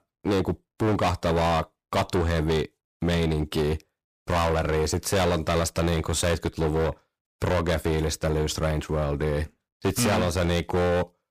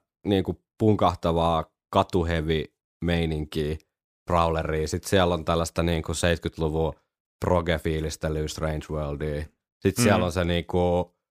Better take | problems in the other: second | distortion; heavy; 19% of the sound clipped

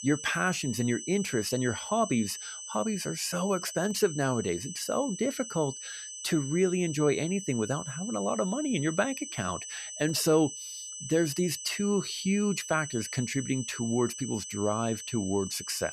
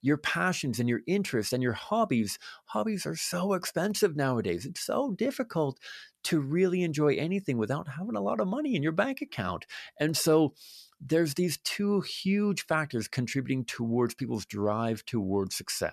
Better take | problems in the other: second | high-pitched whine; loud; throughout; 6 kHz, 9 dB below the speech

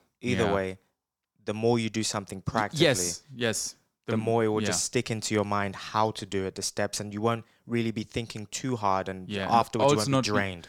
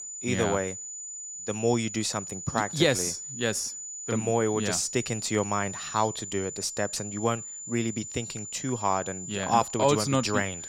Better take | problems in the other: first | high-pitched whine; loud; throughout; 7 kHz, 8 dB below the speech

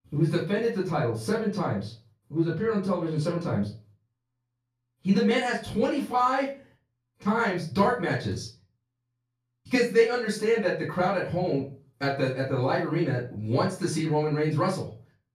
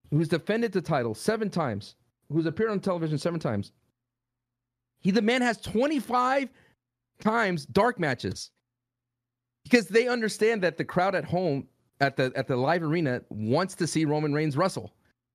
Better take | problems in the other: second | off-mic speech; far // room echo; slight; dies away in 0.3 s

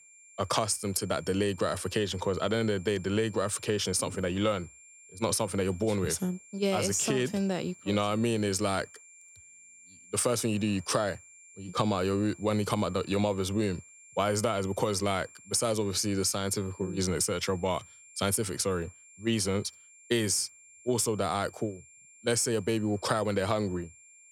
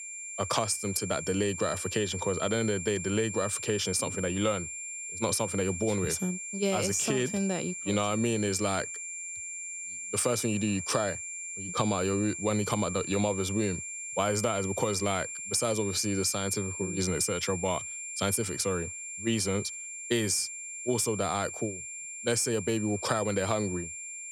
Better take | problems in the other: first | high-pitched whine; loud; throughout; 7.5 kHz, 6 dB below the speech; faint in the first

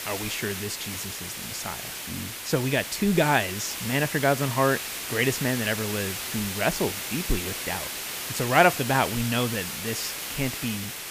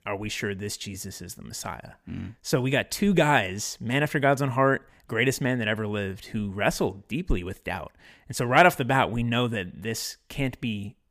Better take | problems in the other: second | hiss; loud; throughout; 5 dB below the speech

